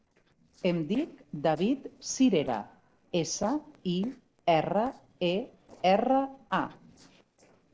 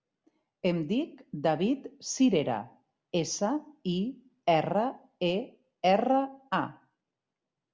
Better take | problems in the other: second | noise reduction (neural separator model SepFormer DNS4)

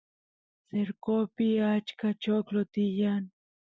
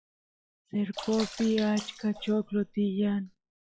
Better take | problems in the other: first | noise reduction (classical method log-MMSE)

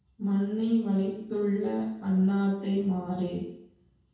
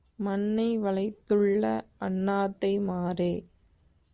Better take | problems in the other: second | room echo; dies away in 0.6 s

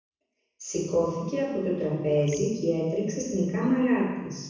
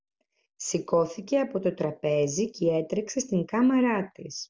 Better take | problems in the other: second | background sound (Gurgling); 15 dB below the speech // room echo; dies away in 1.1 s

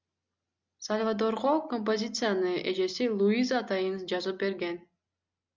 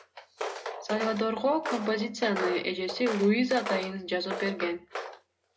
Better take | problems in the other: first | background sound (Walk, footsteps); 8 dB below the speech // room echo; dies away in 0.2 s

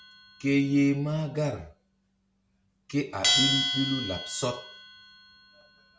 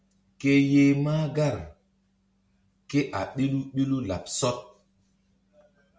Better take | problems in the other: second | background sound (Bell); 3 dB below the speech

